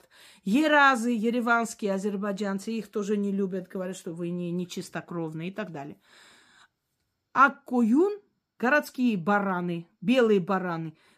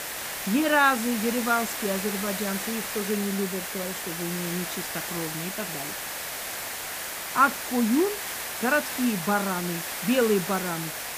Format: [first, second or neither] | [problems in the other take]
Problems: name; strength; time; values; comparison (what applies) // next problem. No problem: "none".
first | hiss; loud; throughout; 4 dB below the speech